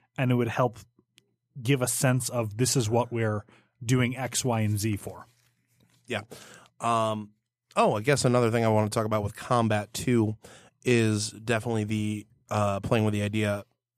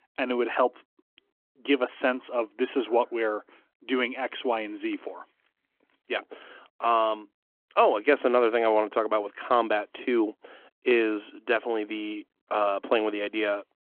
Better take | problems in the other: first | phone-call audio

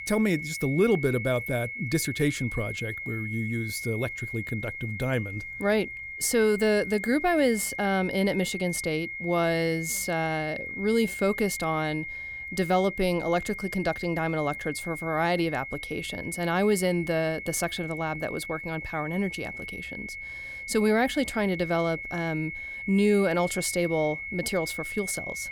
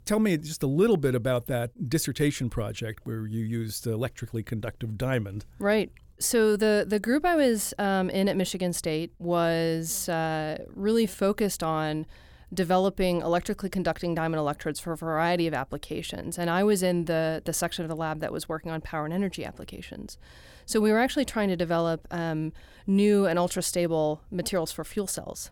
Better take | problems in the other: second | high-pitched whine; loud; throughout; 2 kHz, 7 dB below the speech

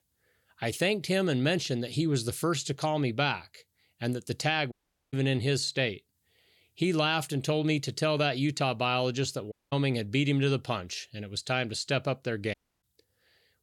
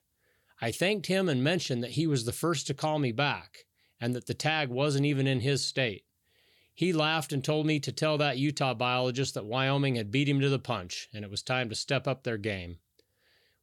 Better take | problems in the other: second | audio cutting out; at 4.5 s, at 9.5 s and at 13 s

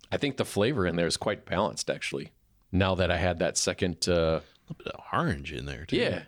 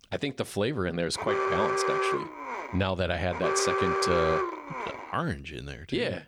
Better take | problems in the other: first | alarm; loud; from 1 to 5 s; peak 4 dB above the speech

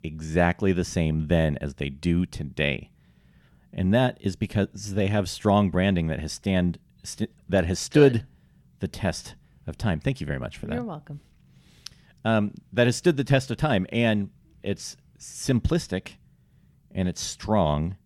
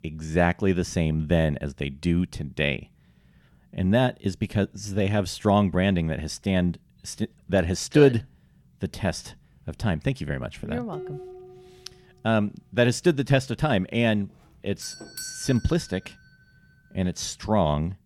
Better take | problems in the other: first | clattering dishes; faint; at 11 s; peak 10 dB below the speech // doorbell; faint; from 15 to 16 s; peak 10 dB below the speech

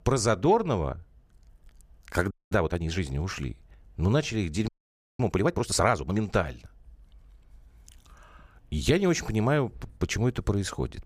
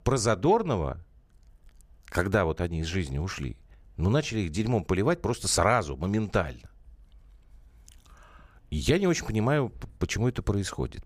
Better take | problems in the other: second | audio freezing; at 2.5 s and at 4.5 s for 0.5 s

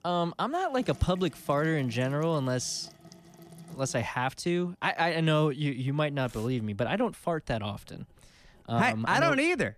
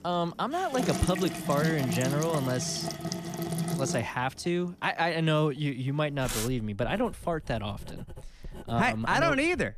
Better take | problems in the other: first | household noises; loud; throughout; 5 dB below the speech; faint in the first

